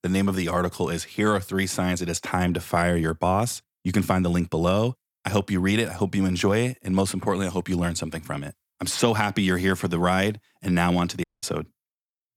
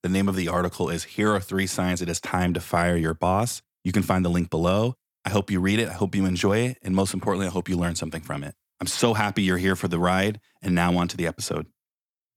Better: second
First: audio cutting out; at 11 s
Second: none

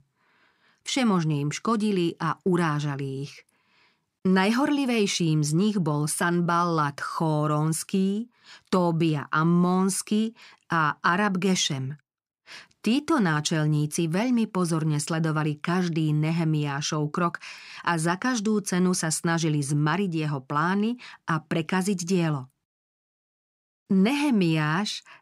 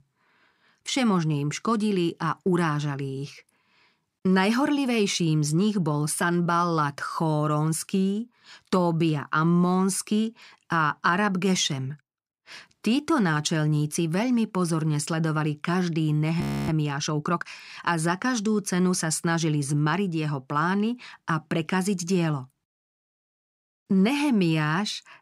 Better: first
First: none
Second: audio freezing; at 16 s

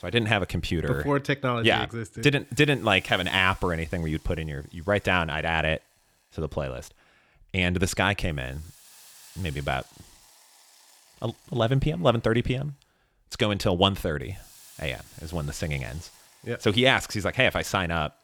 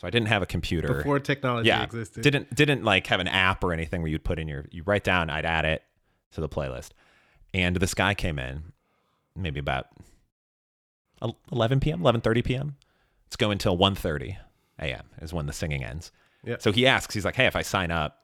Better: second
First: hiss; faint; throughout; 25 dB below the speech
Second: none

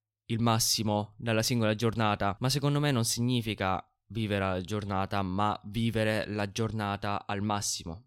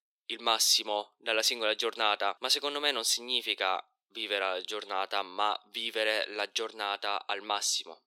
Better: first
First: none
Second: thin; very; fading below 350 Hz

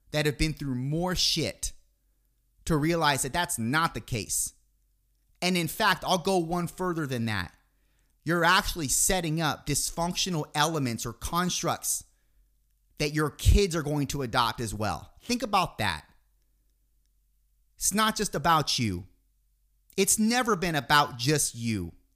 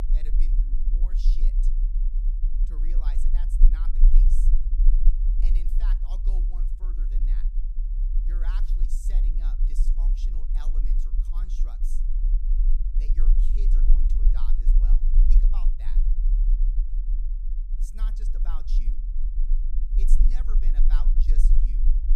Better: first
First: none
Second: low rumble; loud; throughout; 1 dB below the speech

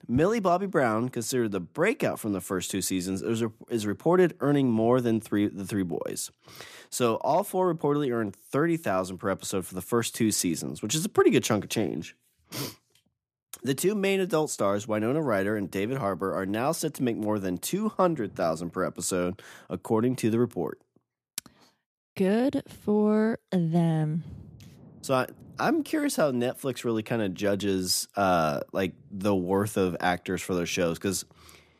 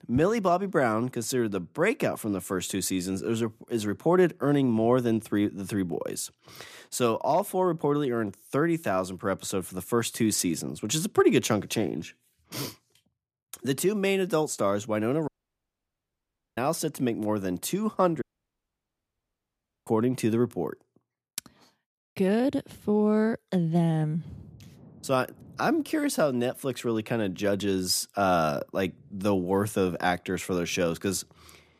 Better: first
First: none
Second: audio cutting out; at 15 s for 1.5 s and at 18 s for 1.5 s

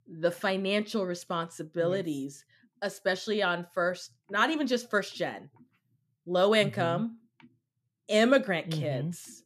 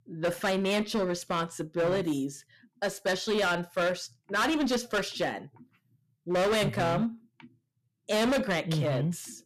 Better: first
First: none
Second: distortion; heavy; 14% of the sound clipped

